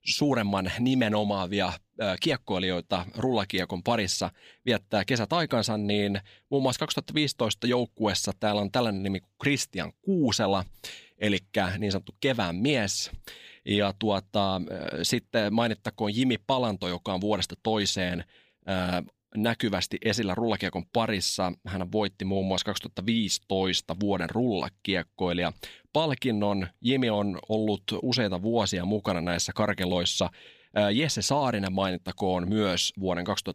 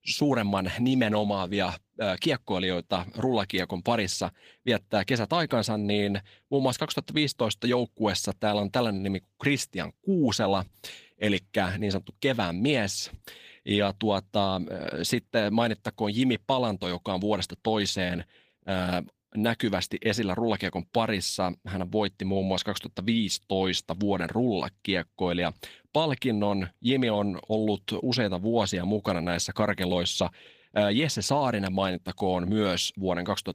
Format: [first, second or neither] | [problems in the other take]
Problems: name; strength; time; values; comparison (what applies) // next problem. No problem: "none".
first | garbled, watery; slightly; nothing above 15 kHz